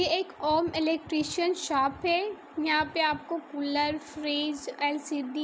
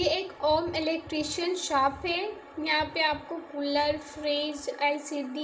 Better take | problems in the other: first | room echo; dies away in 0.6 s

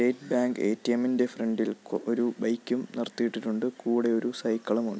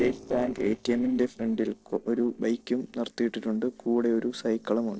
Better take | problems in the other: first | noise reduction (neural separator model SepFormer DNS4)

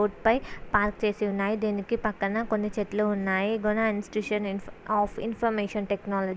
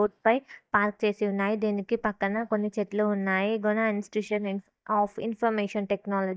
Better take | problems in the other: first | noise reduction (neural mask model DeepFilterNet 3)

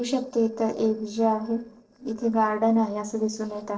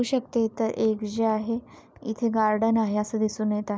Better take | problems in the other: second | noise reduction (neural separator model SepFormer DNS4)

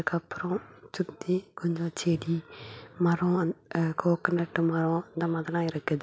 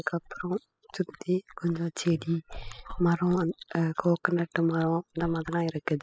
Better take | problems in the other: first | noise reduction (classical method spectral subtraction)

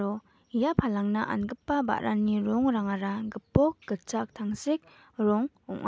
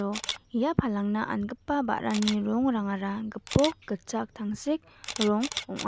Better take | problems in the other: first | background sound (Camera); 12 dB below the speech

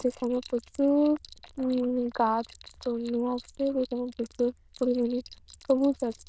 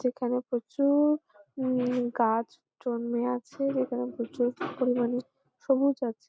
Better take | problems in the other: second | noise reduction (neural diffusion model UNIVERSE++)

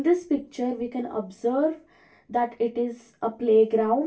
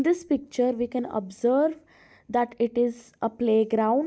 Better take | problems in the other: second | room echo; dies away in 0.2 s

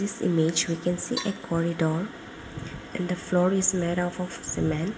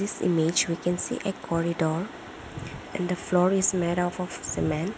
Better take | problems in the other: second | background sound (Percussion); 15 dB below the speech // room echo; dies away in 1 s

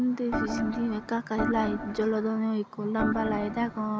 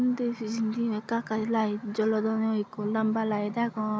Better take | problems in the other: second | background sound (Organ); 5 dB below the speech

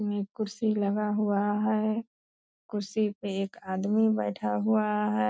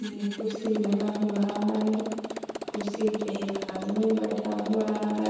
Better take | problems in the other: first | background sound (Motorcycle); 7 dB below the speech // room echo; dies away in 1.1 s

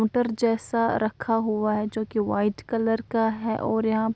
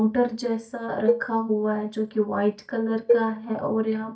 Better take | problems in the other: first | noise reduction (neural mask model DeepFilterNet 3)

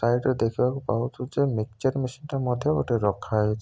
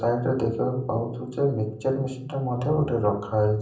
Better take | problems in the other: first | room echo; dies away in 0.6 s

